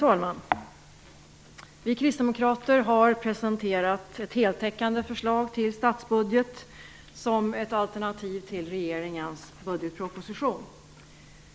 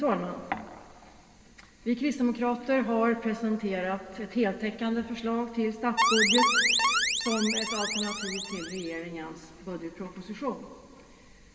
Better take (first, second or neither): first